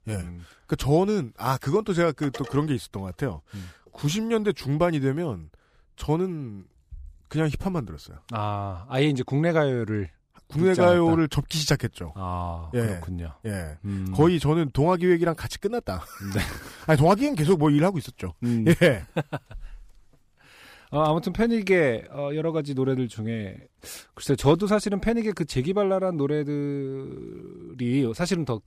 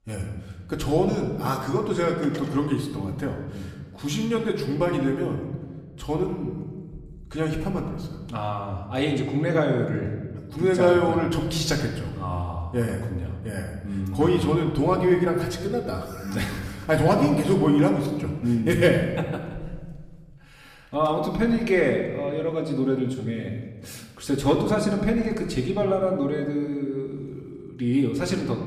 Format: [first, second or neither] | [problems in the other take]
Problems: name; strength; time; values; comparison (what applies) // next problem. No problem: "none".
first | room echo; slight; dies away in 1.3 s // off-mic speech; somewhat distant